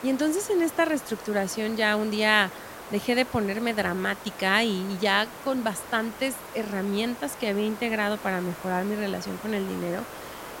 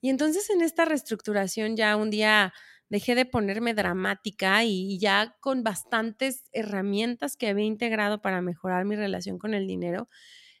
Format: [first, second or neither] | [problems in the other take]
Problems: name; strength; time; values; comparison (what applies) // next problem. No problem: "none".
second | hiss; noticeable; throughout; 15 dB below the speech